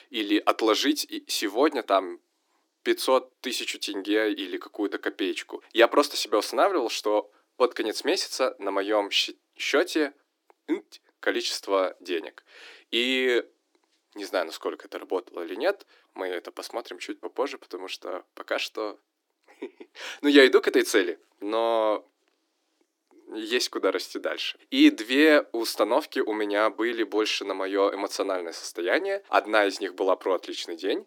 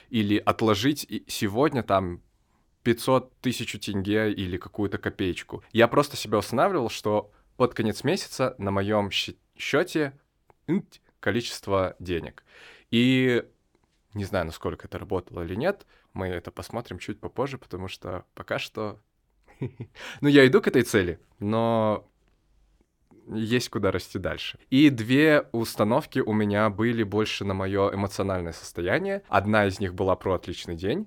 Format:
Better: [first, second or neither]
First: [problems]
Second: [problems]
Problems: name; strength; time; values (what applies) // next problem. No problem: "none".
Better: second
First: thin; very slightly; fading below 300 Hz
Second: none